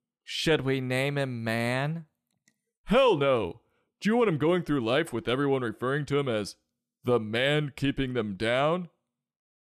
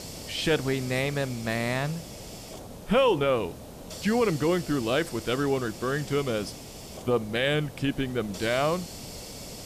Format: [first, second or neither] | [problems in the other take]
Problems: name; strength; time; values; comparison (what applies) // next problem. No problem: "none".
first | hiss; noticeable; throughout; 15 dB below the speech